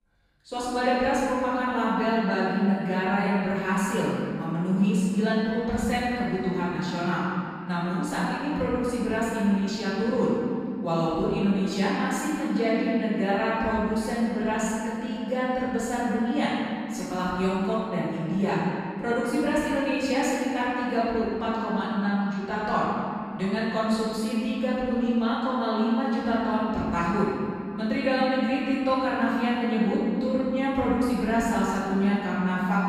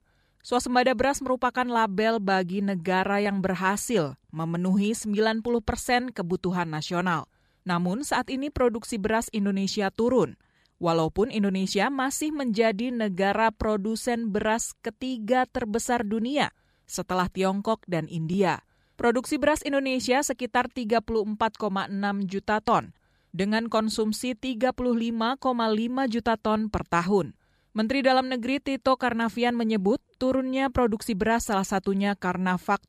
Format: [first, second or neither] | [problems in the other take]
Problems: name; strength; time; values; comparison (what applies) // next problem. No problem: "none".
second | room echo; strong; dies away in 2.8 s // off-mic speech; far